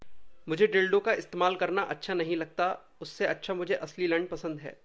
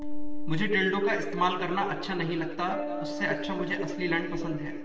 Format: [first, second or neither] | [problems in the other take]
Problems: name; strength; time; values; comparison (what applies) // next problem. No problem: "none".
first | background sound (Acoustic guitar); 10 dB below the speech // room echo; dies away in 2.2 s